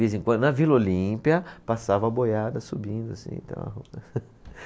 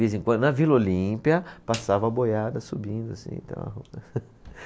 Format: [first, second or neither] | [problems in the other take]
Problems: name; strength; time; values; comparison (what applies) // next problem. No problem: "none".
first | background sound (Snare drum); 19 dB below the speech